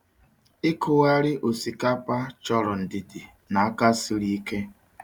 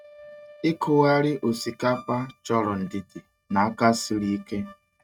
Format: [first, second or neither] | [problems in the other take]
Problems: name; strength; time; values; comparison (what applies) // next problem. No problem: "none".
first | noise reduction (neural mask model RNNoise)